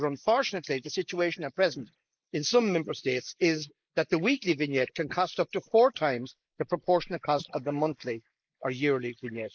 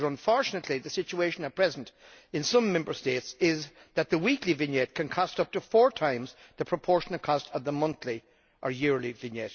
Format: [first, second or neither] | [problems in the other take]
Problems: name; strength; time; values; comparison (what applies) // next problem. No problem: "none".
second | noise reduction (neural mask model Resemble Enhance denoiser)